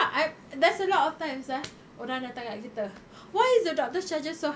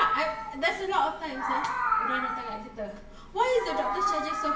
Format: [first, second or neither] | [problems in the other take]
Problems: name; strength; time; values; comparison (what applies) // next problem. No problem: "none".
first | background sound (Meow); as loud as the speech // room echo; dies away in 0.8 s